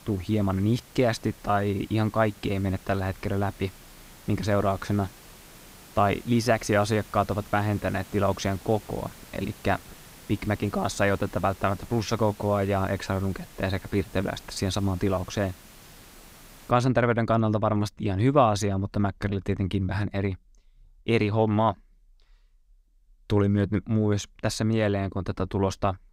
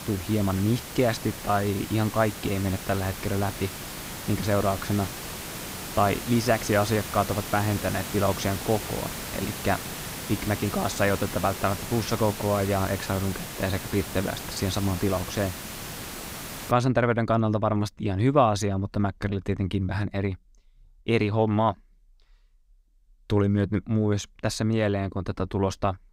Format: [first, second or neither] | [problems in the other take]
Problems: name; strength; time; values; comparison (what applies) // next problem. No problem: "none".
first | hiss; loud; until 17 s; 8 dB below the speech; faint in the first